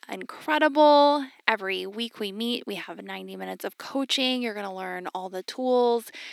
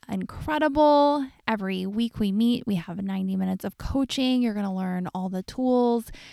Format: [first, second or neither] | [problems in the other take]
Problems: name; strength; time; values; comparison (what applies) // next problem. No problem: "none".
second | thin; somewhat; fading below 350 Hz